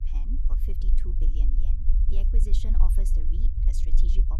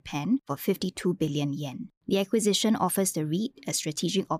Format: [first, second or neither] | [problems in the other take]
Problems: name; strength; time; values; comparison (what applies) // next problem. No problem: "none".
second | low rumble; loud; throughout; 2 dB below the speech